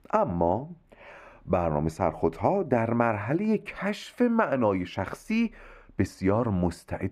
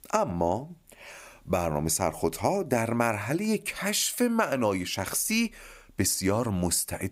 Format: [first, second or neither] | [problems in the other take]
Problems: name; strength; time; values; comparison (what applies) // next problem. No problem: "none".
second | muffled; very; fading above 4 kHz